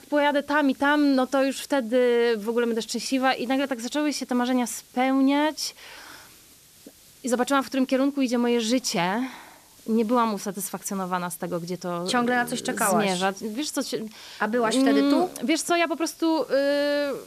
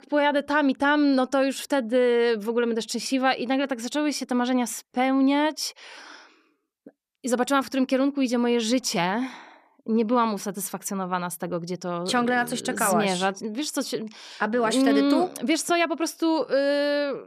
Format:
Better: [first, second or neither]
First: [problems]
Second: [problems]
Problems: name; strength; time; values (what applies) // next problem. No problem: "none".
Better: second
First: hiss; faint; throughout; 25 dB below the speech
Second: none